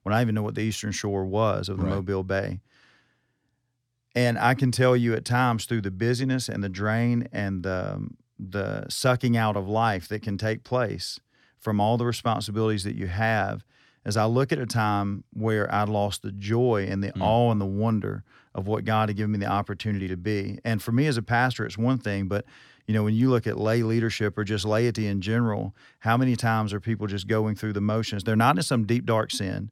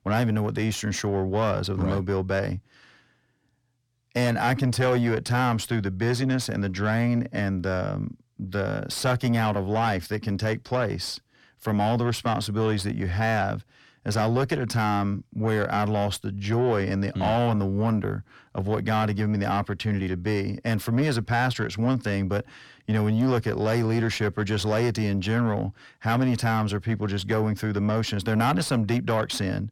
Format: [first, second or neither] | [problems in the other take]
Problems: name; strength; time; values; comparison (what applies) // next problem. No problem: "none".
first | distortion; slight; 10 dB below the speech